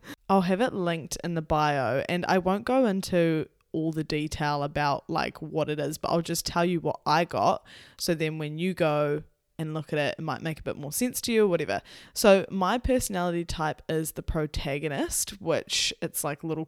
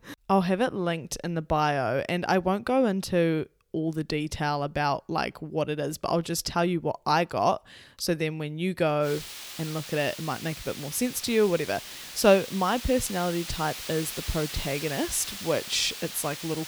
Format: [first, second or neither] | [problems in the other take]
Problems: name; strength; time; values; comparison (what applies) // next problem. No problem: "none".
first | hiss; loud; from 9 s on; 9 dB below the speech